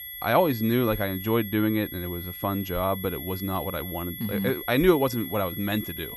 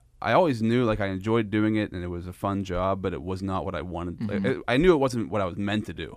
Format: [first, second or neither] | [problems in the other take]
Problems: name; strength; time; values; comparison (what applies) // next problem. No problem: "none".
second | high-pitched whine; loud; throughout; 11.5 kHz, 9 dB below the speech